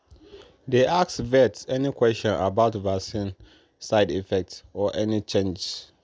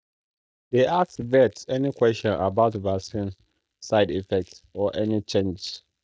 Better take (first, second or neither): first